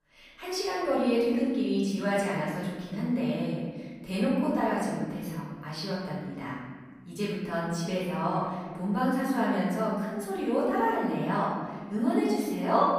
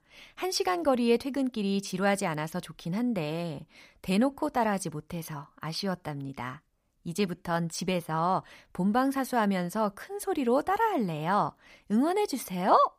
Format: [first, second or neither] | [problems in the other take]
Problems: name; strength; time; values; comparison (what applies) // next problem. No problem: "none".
second | room echo; strong; dies away in 1.5 s // off-mic speech; far